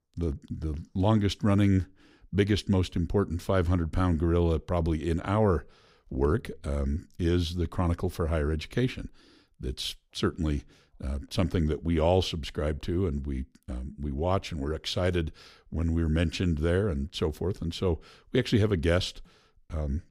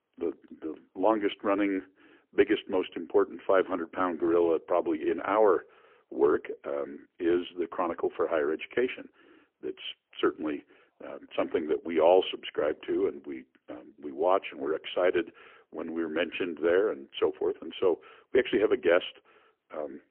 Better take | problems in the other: first | phone-call audio; poor line; nothing above 3 kHz

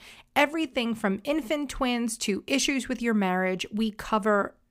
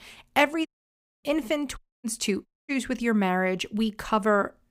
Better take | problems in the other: first | audio cutting out; at 0.5 s for 0.5 s, at 2 s and at 2.5 s

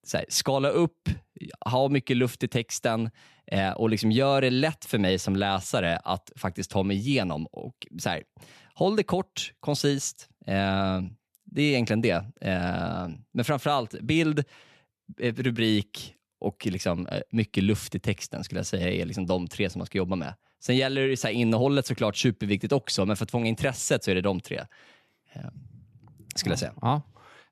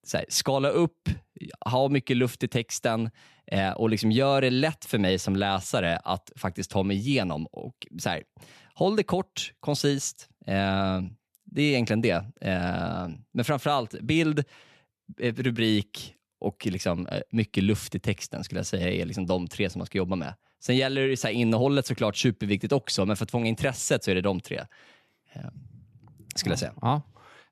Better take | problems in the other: neither | none

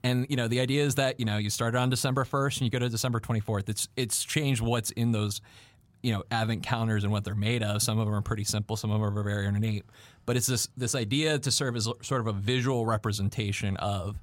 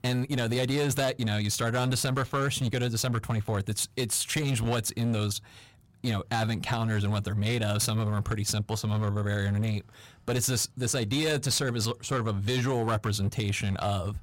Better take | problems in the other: first | distortion; slight; 12% of the sound clipped

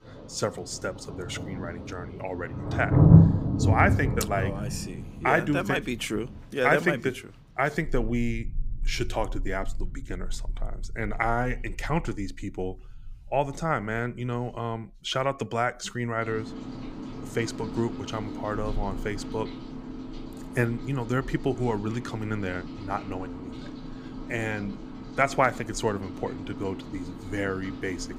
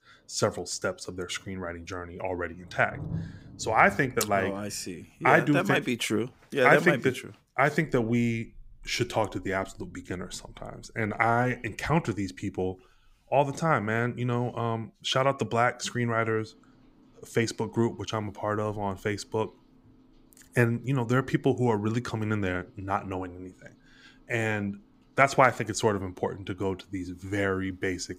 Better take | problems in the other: second | rain or running water; loud; throughout; 1 dB below the speech; faint in the second

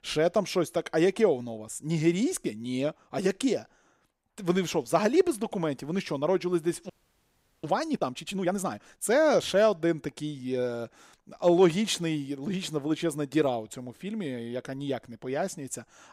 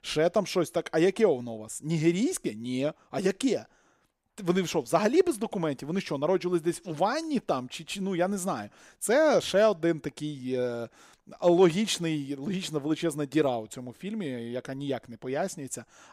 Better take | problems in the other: second | audio freezing; at 7 s for 0.5 s

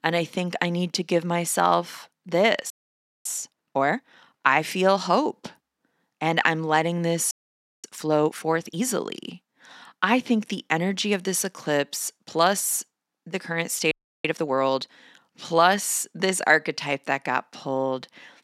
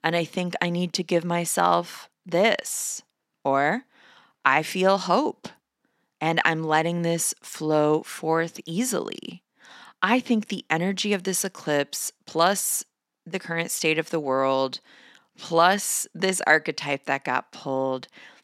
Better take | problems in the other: second | audio freezing; at 2.5 s for 0.5 s, at 7.5 s for 0.5 s and at 14 s

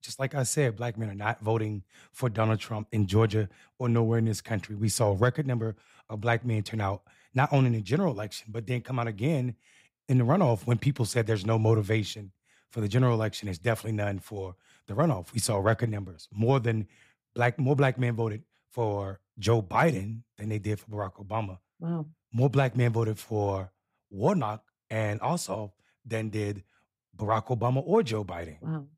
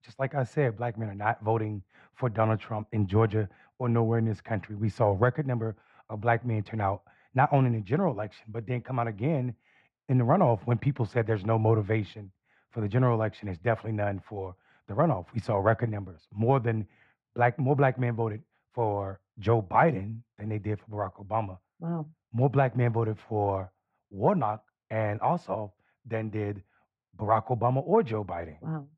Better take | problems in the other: first | muffled; very; fading above 2 kHz

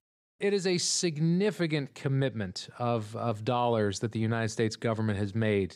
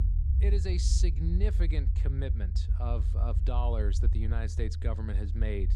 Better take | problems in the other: first | low rumble; loud; throughout; 8 dB below the speech

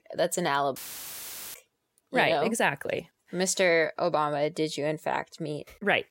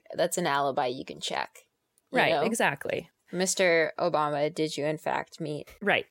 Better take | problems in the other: second | audio cutting out; filled with static; at 1 s for 1 s

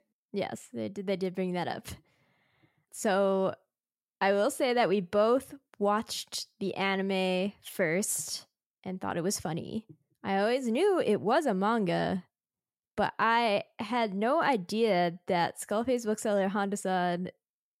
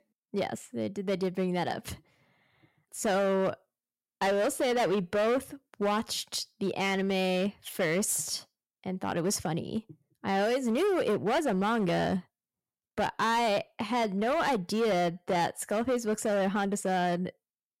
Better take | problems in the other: first | distortion; slight; 12% of the sound clipped

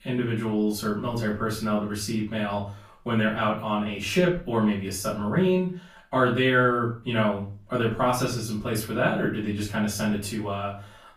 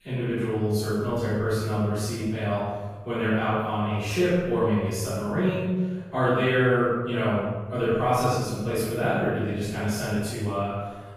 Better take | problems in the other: first | room echo; strong; dies away in 1.2 s; slight in the first // off-mic speech; far; far in the first

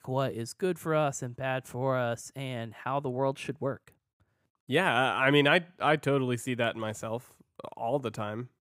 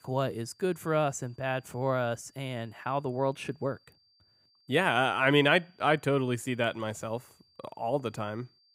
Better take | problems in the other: first | high-pitched whine; faint; throughout; 4.5 kHz, 35 dB below the speech

